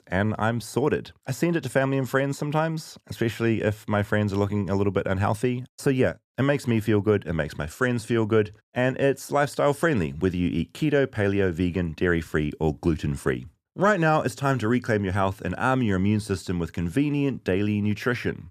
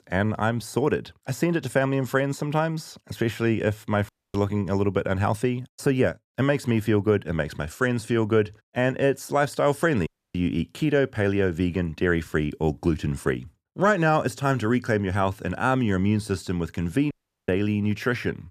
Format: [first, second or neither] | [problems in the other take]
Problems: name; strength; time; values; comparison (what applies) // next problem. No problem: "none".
first | audio cutting out; at 4 s, at 10 s and at 17 s